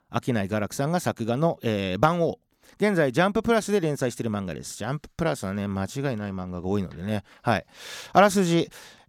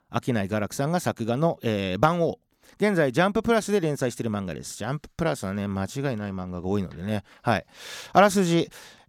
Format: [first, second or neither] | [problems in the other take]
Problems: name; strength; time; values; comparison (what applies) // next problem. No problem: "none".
neither | none